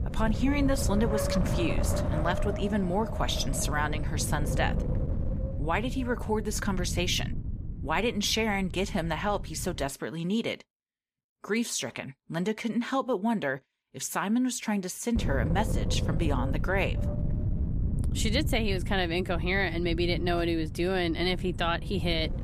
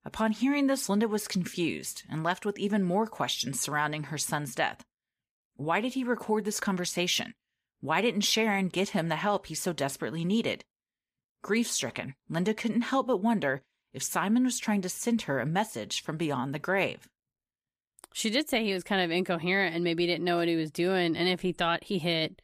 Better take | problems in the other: second | wind noise on the microphone; heavy; until 10 s and from 15 s on; 9 dB below the speech

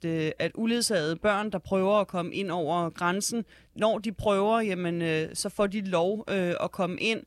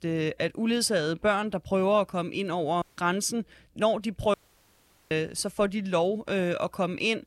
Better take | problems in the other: first | audio cutting out; at 3 s and at 4.5 s for 1 s

